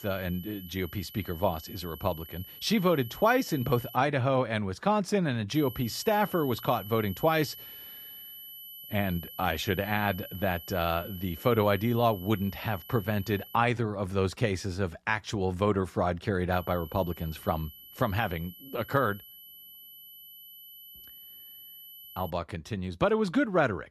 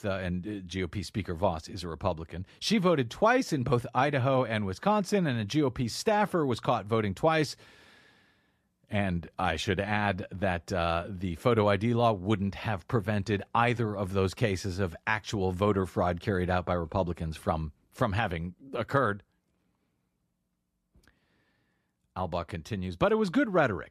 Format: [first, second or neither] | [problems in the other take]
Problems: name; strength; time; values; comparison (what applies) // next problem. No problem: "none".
second | high-pitched whine; noticeable; until 4 s, from 5.5 to 14 s and from 17 to 22 s; 12 kHz, 15 dB below the speech